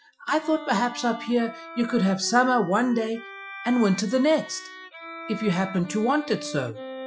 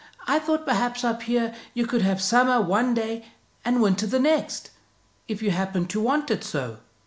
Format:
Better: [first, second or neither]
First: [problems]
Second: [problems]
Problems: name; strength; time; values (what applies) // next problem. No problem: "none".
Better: second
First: noise reduction (classical method Wiener filter)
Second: none